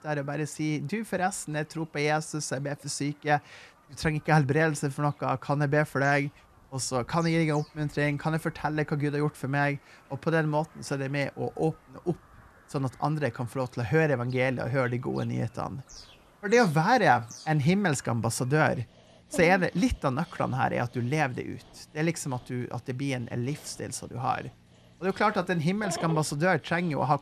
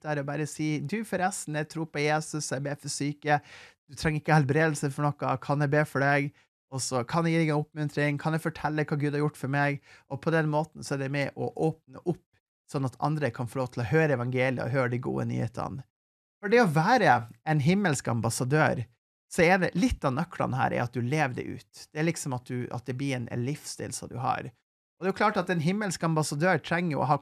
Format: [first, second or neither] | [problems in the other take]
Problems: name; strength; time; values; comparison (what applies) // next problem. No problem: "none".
second | animal sounds; faint; throughout; 20 dB below the speech